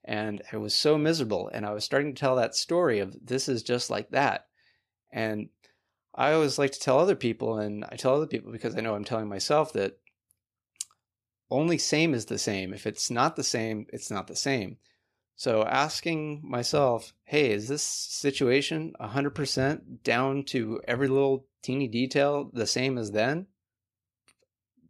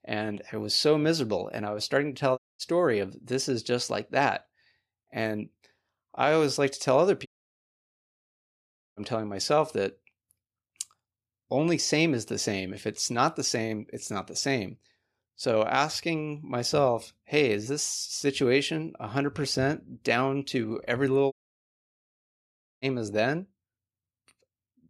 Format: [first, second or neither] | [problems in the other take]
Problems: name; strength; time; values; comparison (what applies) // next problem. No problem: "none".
first | audio cutting out; at 2.5 s, at 7.5 s for 1.5 s and at 21 s for 1.5 s